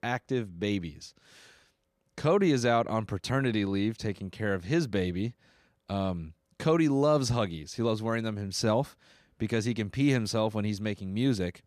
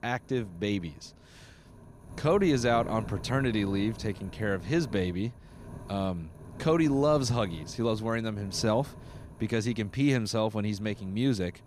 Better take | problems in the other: first | wind noise on the microphone; occasional gusts; 20 dB below the speech

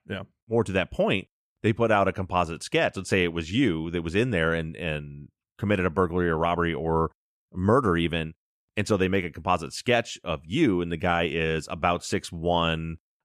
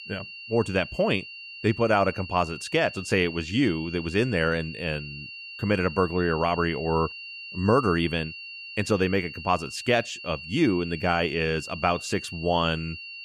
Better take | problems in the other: first | high-pitched whine; noticeable; throughout; 3 kHz, 10 dB below the speech

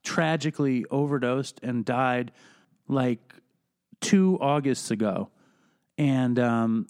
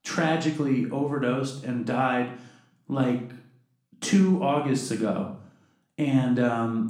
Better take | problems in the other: first | room echo; slight; dies away in 0.5 s // off-mic speech; somewhat distant

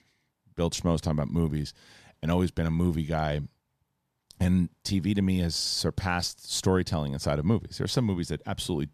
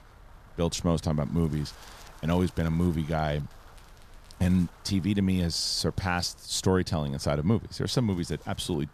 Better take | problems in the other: first | wind noise on the microphone; occasional gusts; 20 dB below the speech

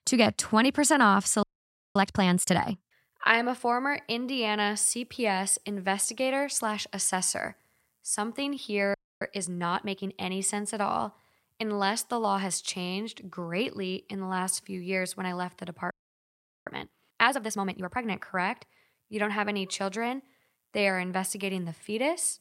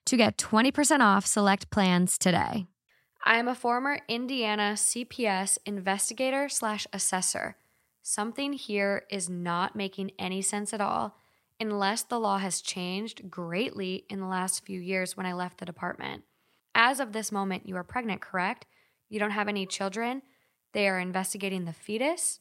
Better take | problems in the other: second | audio freezing; at 1.5 s for 0.5 s, at 9 s and at 16 s for 1 s

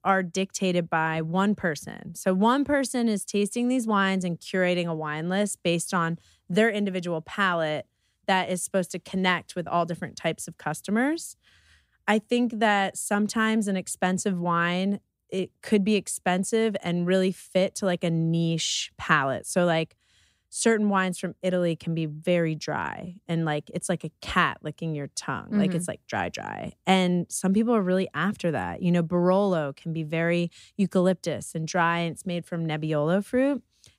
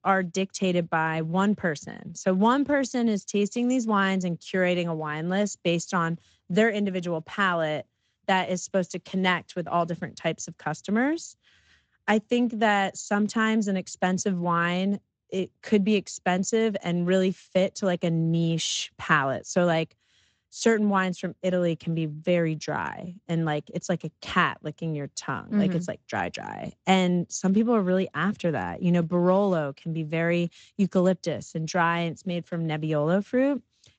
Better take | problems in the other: first | garbled, watery; slightly; nothing above 7.5 kHz

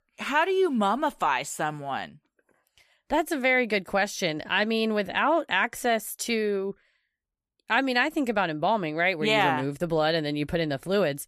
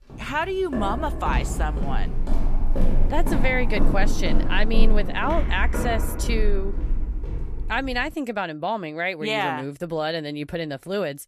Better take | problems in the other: first | footsteps; loud; from 1 to 8 s; peak 3 dB above the speech

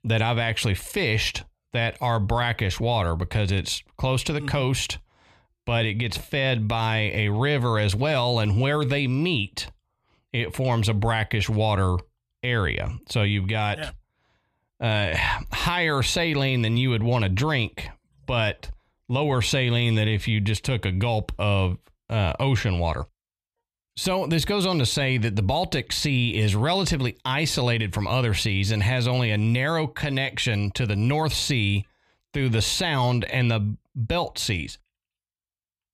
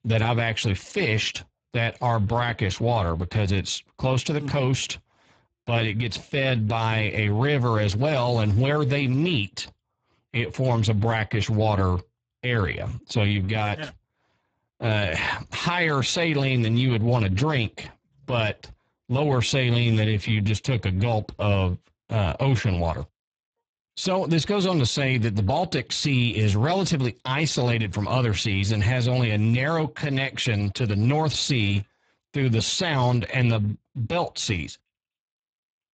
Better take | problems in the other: first | garbled, watery; badly; nothing above 7.5 kHz

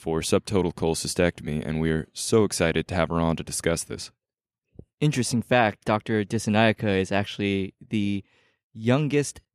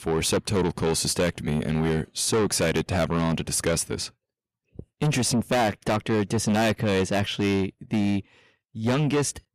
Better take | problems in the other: first | distortion; heavy; 6 dB below the speech

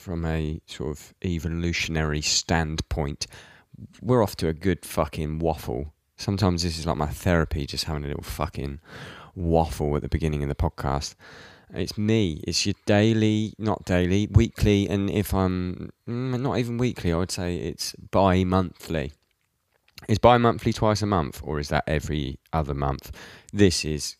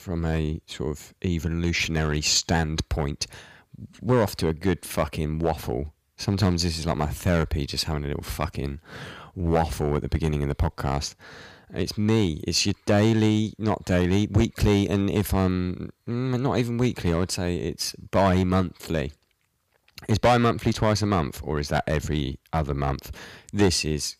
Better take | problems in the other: first | distortion; slight; 3% of the sound clipped

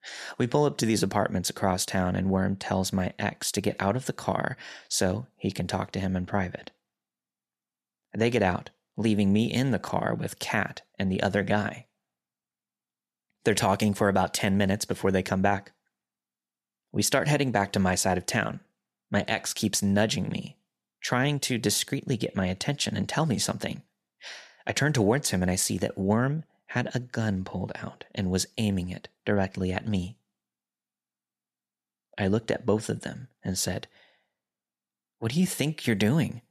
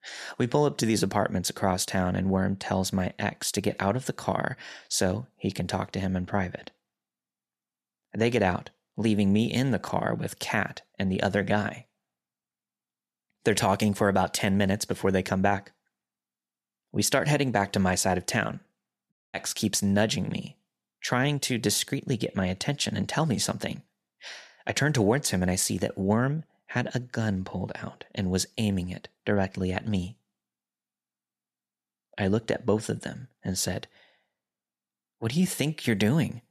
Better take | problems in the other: first | audio cutting out; at 19 s

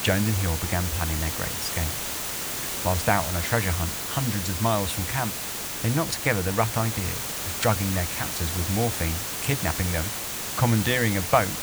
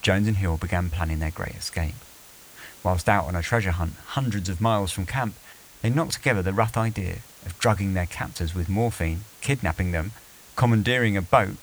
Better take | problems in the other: second | hiss; loud; throughout; 2 dB below the speech; faint in the second

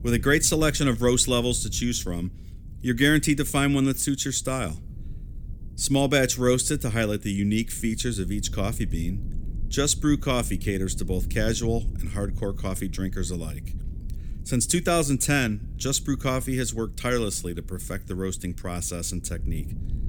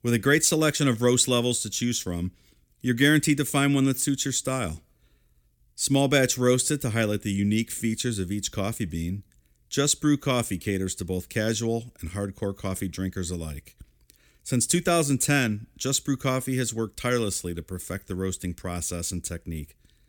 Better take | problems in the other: second | low rumble; faint; throughout; 25 dB below the speech

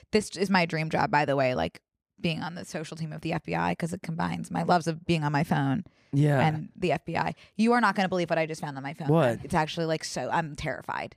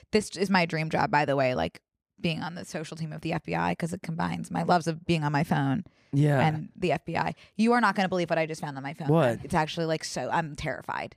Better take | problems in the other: neither | none

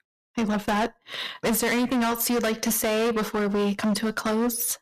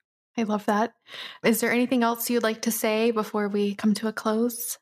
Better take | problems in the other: second | distortion; heavy; 25% of the sound clipped

